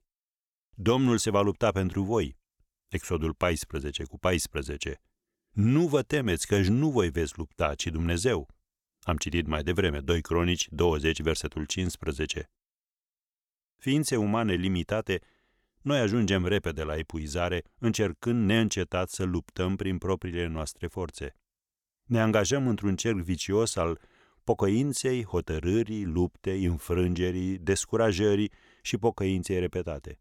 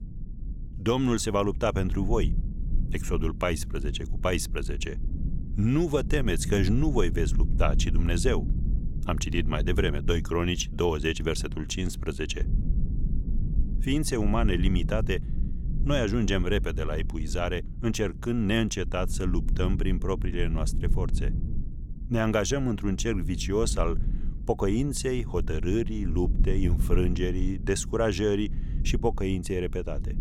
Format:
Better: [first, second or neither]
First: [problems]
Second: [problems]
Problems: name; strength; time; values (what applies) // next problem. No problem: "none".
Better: first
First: none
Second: low rumble; noticeable; throughout; 15 dB below the speech